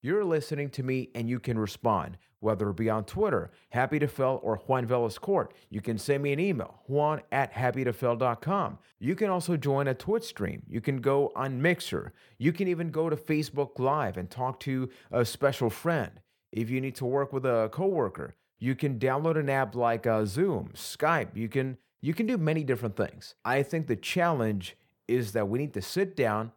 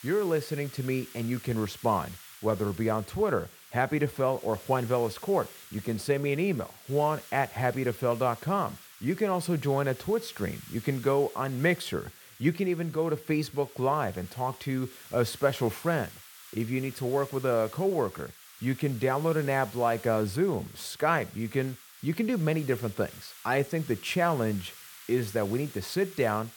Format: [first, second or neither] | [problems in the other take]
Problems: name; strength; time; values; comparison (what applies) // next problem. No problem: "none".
first | hiss; noticeable; throughout; 20 dB below the speech